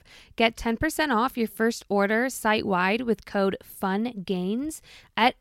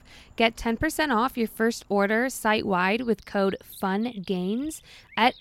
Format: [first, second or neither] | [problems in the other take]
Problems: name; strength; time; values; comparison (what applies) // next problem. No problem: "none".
first | animal sounds; faint; throughout; 30 dB below the speech